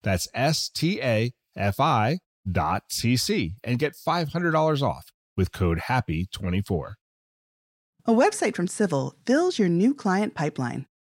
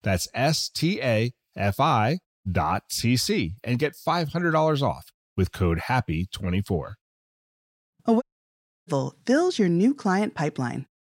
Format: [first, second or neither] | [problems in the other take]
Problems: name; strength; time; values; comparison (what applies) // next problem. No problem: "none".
first | audio cutting out; at 8 s for 0.5 s